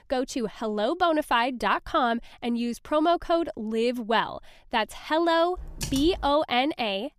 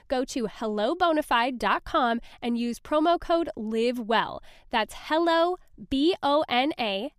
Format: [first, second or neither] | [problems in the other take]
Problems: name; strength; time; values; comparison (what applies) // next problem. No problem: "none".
second | keyboard typing; noticeable; at 5.5 s; peak 8 dB below the speech